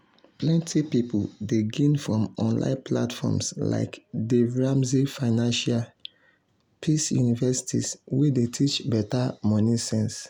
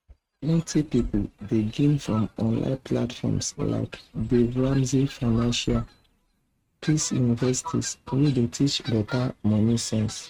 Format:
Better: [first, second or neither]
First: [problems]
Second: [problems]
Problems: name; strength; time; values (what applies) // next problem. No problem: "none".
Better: first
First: none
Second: noise reduction (neural mask model RNNoise)